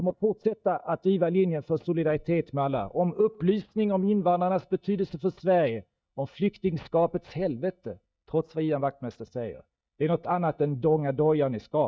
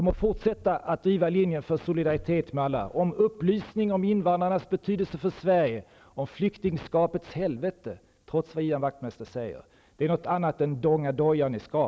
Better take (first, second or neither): second